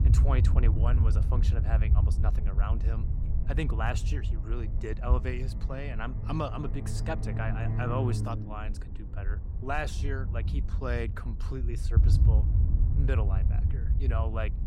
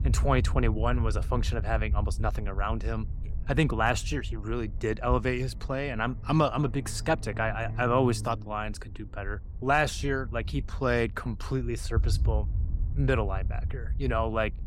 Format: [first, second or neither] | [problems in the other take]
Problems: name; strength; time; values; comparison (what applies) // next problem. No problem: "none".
second | low rumble; loud; throughout; 7 dB below the speech; faint in the second